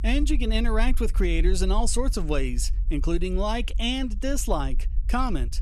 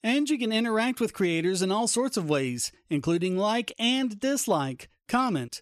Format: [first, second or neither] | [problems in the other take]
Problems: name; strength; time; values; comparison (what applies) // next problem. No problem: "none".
second | low rumble; faint; throughout; 25 dB below the speech